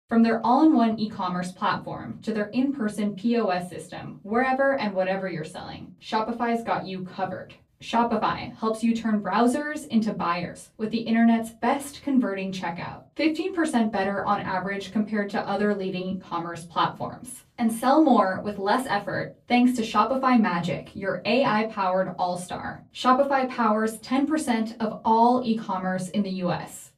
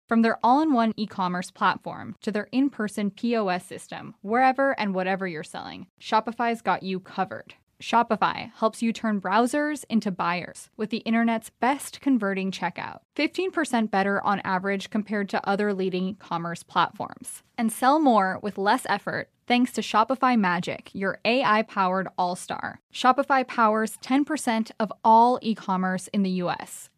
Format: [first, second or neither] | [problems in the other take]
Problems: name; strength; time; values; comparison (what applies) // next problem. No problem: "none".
second | off-mic speech; far // room echo; very slight; dies away in 0.2 s